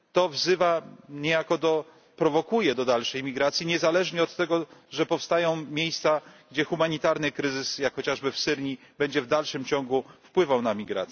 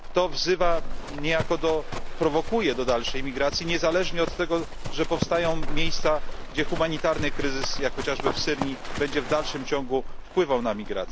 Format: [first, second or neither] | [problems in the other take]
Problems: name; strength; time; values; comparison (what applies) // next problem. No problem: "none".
first | background sound (Livestock, farm animals, working animals); 2 dB below the speech